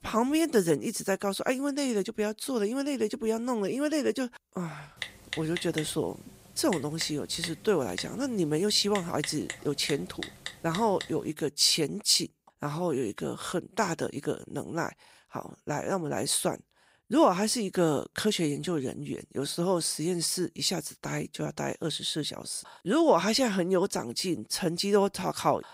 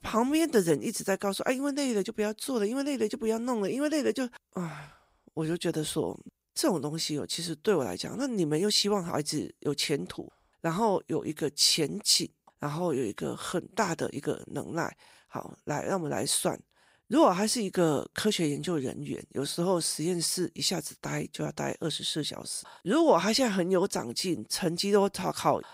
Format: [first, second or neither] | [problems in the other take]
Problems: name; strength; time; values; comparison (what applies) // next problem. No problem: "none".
second | keyboard typing; noticeable; from 5 to 11 s; peak 8 dB below the speech